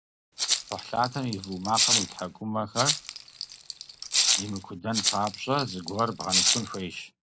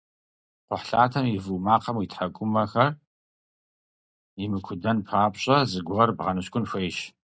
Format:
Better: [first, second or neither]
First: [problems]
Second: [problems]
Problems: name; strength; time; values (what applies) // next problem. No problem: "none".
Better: second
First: background sound (Rattle (instrument)); 3 dB above the speech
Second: none